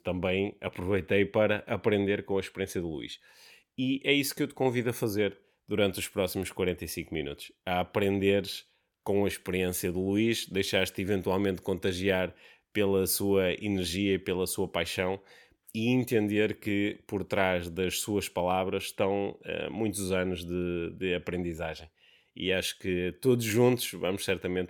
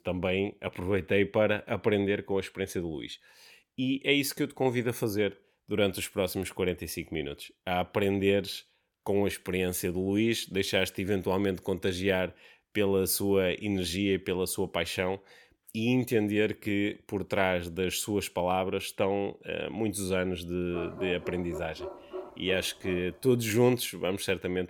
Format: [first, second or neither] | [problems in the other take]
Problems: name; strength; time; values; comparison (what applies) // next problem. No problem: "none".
first | dog barking; faint; from 21 to 23 s; peak 10 dB below the speech